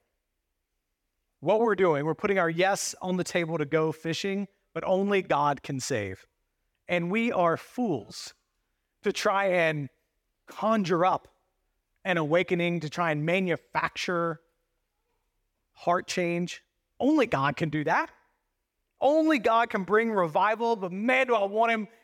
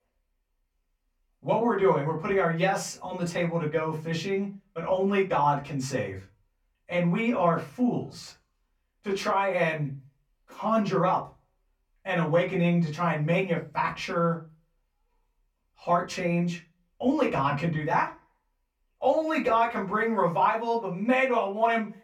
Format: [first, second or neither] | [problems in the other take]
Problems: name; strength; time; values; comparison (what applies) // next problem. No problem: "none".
first | off-mic speech; far // room echo; very slight; dies away in 0.3 s